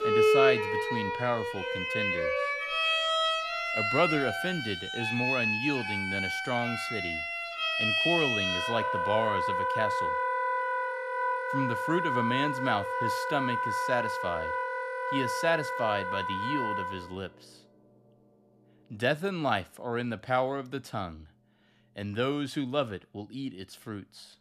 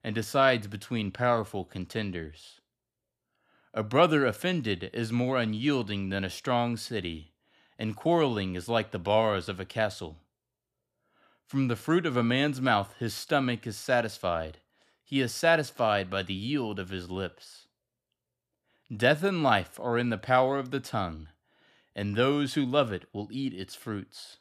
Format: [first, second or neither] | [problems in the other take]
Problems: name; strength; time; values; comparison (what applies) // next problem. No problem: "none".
second | background music; very loud; throughout; 3 dB above the speech